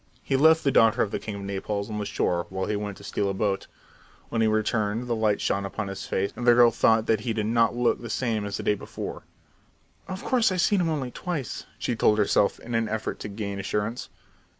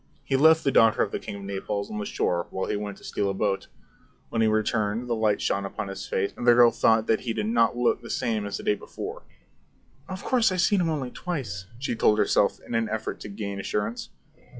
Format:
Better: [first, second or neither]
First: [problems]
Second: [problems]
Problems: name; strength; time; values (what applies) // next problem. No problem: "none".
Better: first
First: none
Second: noise reduction (classical method log-MMSE)